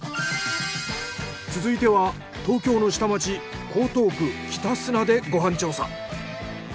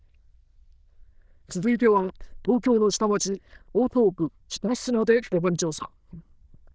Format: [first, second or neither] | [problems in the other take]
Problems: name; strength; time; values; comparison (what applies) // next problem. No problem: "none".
first | noise reduction (neural diffusion model UNIVERSE++)